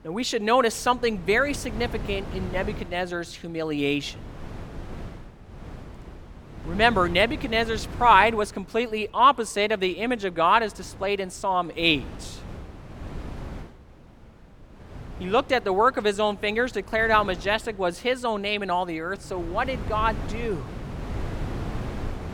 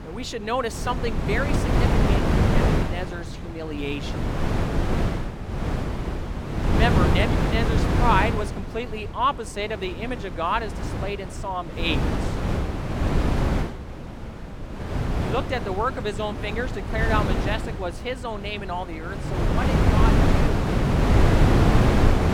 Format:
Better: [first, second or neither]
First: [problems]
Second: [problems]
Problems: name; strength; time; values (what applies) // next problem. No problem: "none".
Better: first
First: wind noise on the microphone; occasional gusts; 20 dB below the speech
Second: wind noise on the microphone; heavy; 1 dB below the speech